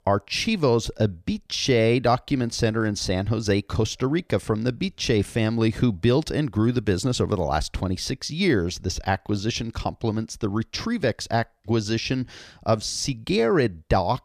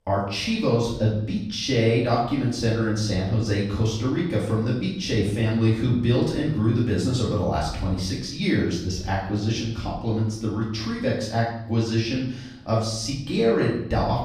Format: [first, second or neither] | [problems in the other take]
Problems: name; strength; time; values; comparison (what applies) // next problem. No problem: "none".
first | off-mic speech; far // room echo; noticeable; dies away in 0.7 s